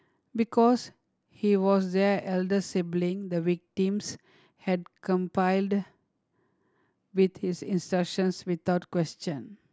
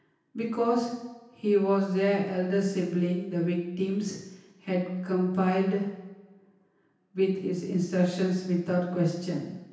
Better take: first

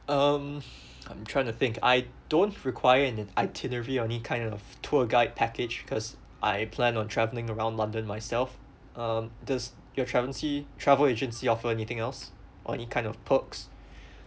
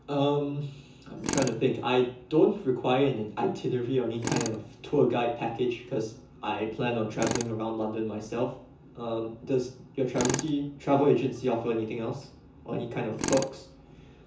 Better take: first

